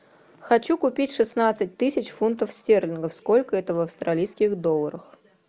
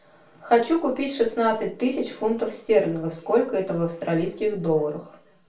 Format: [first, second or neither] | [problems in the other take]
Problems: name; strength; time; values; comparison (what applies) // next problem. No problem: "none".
first | room echo; dies away in 0.4 s